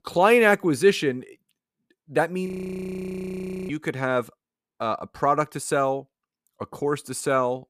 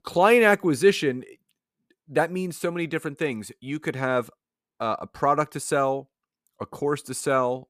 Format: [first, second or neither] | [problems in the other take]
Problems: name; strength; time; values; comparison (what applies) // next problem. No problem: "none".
second | audio freezing; at 2.5 s for 1 s